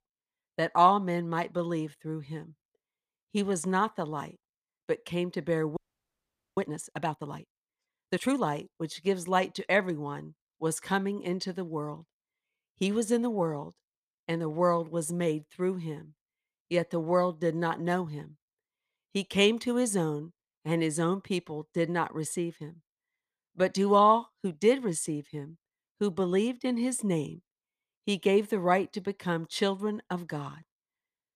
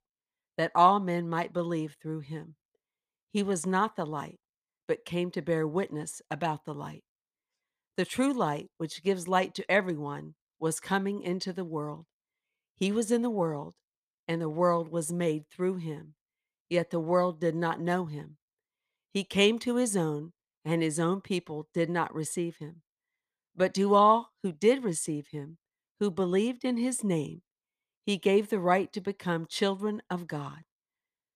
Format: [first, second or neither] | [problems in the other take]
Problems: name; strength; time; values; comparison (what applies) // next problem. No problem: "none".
second | audio freezing; at 6 s for 1 s